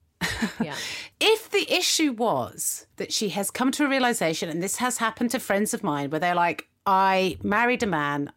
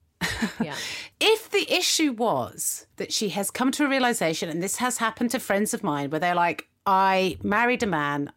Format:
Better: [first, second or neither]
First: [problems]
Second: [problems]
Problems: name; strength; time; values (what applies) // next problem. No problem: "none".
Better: neither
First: none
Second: none